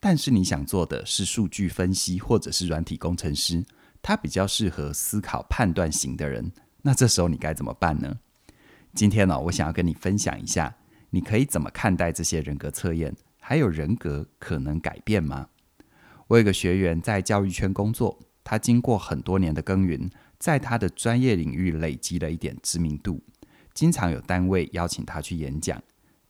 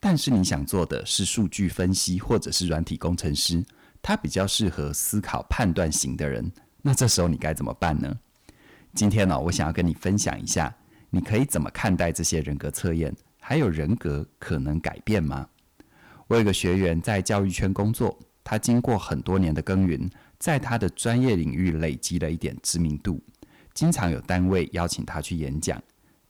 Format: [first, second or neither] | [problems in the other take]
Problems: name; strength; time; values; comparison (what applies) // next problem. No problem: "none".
first | distortion; slight; 4% of the sound clipped